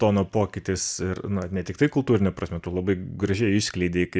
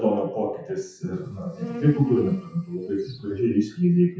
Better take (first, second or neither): first